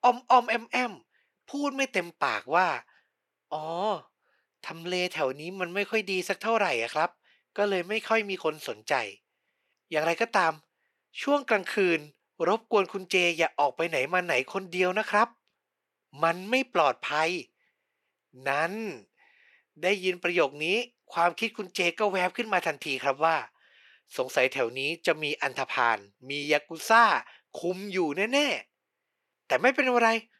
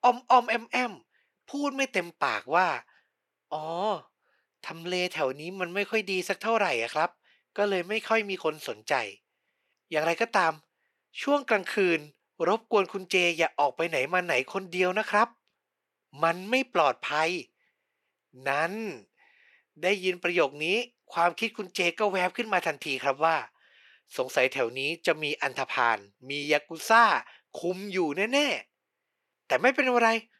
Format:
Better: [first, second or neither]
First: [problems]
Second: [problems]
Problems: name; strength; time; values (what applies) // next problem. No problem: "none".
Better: neither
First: thin; somewhat; fading below 400 Hz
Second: thin; somewhat; fading below 400 Hz